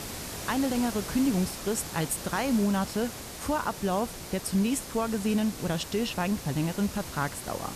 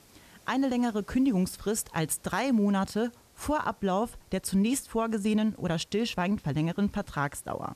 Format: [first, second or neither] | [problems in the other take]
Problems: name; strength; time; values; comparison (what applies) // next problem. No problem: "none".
second | hiss; loud; throughout; 9 dB below the speech; faint in the second